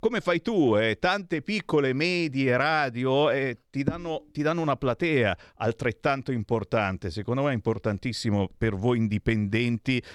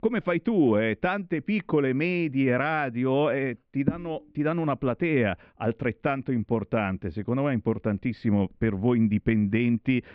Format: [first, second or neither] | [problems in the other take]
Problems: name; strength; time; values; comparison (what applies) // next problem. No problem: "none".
first | muffled; very; fading above 2.5 kHz